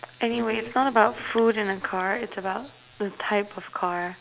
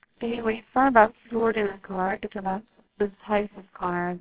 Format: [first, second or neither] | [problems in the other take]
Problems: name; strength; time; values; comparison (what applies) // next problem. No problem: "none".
first | noise reduction (neural separator model SepFormer WHAMR!)